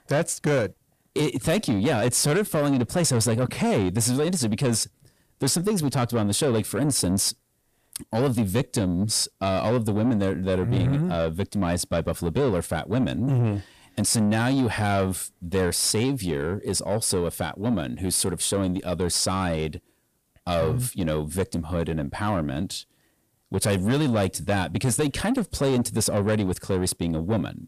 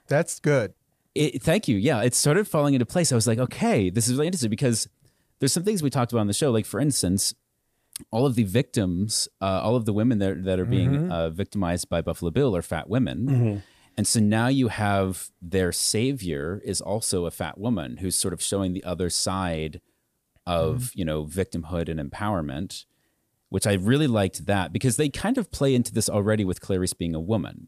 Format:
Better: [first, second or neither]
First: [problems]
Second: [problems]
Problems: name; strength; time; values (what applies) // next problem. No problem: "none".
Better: second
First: distortion; slight; 10 dB below the speech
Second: none